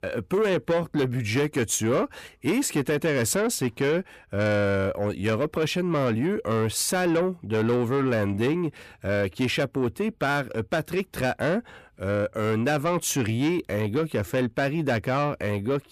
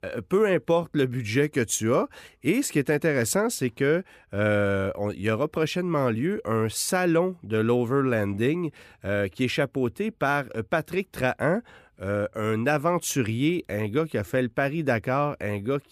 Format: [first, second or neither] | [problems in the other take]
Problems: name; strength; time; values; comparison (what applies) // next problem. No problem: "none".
second | distortion; slight; 10 dB below the speech